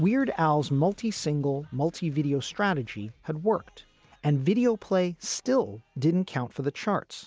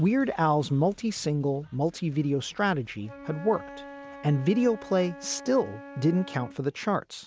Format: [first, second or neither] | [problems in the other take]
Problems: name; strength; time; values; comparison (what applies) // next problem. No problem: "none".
first | background sound (Wind instrument, woodwind instrument); 19 dB below the speech